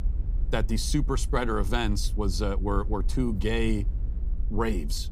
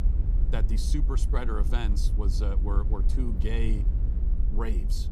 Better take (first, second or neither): first